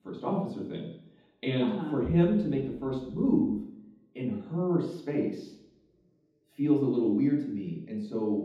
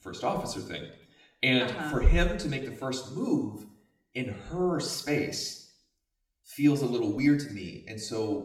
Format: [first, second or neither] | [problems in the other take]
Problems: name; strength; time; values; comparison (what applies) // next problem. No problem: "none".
second | room echo; strong; dies away in 0.9 s; slight in the second // off-mic speech; far; somewhat distant in the second